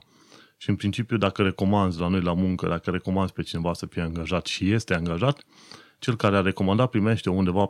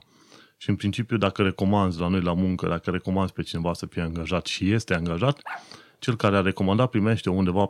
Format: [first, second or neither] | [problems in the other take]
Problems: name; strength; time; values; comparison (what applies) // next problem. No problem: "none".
first | dog barking; faint; at 5.5 s; peak 15 dB below the speech